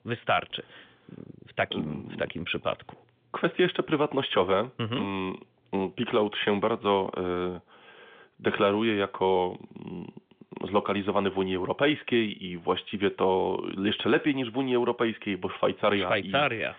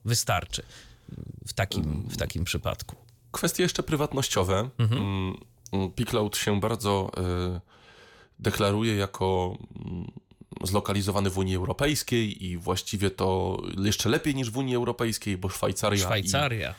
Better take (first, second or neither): second